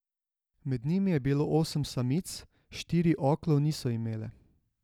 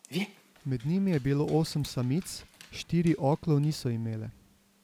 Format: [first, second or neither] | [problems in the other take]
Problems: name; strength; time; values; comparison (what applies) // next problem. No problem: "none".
first | background sound (Dog); 16 dB below the speech